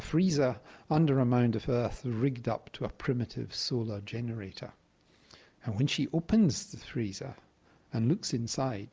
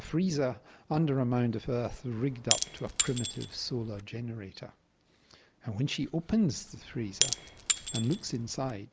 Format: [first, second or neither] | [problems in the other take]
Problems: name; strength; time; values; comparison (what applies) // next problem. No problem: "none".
first | background sound (Shatter / Crushing); 3 dB below the speech